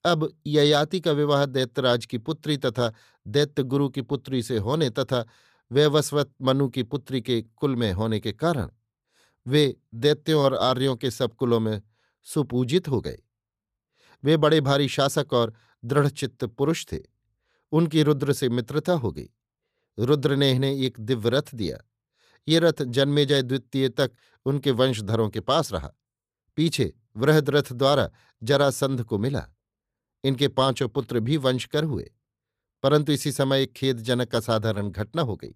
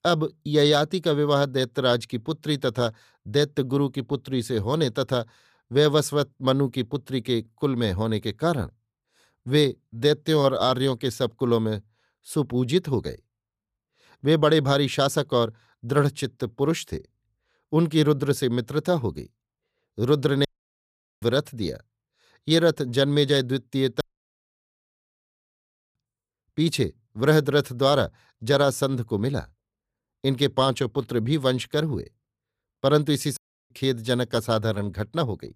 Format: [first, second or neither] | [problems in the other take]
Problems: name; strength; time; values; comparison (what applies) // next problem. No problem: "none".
first | audio cutting out; at 20 s for 1 s, at 24 s for 2 s and at 33 s